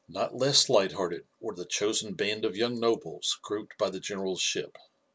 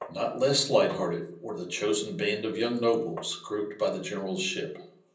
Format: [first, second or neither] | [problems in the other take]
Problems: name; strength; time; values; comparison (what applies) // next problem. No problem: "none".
first | background sound (Tap); 16 dB below the speech // room echo; dies away in 0.6 s